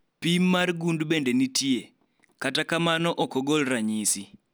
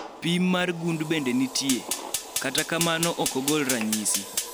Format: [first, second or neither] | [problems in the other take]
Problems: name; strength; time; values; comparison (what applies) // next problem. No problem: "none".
first | background sound (Fire); 6 dB below the speech